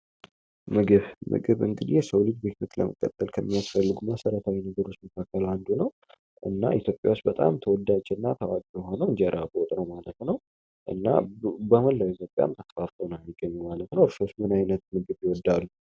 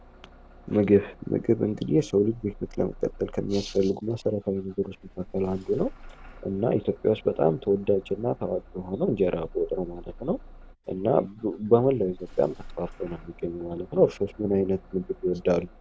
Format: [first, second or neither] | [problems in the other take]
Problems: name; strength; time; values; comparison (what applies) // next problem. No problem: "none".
first | background sound (Engine starting / Bus); 20 dB below the speech